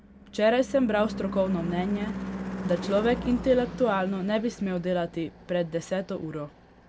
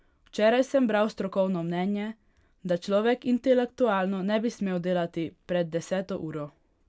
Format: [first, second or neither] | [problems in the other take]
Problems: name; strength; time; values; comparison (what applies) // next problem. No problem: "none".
second | background sound (Car passing by / Engine / Truck); 10 dB below the speech